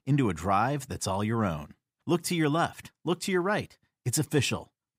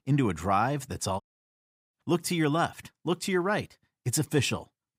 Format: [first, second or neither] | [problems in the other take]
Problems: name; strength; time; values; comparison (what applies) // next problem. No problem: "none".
first | audio cutting out; at 1 s for 0.5 s